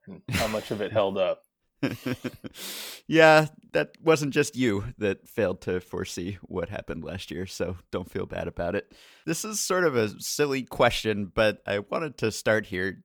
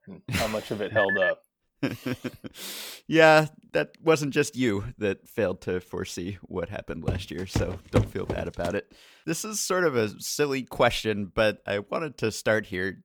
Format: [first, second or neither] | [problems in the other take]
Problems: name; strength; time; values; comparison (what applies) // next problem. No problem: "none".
first | phone ringing; loud; at 1 s; peak 1 dB above the speech // footsteps; noticeable; from 7 to 8.5 s; peak level with the speech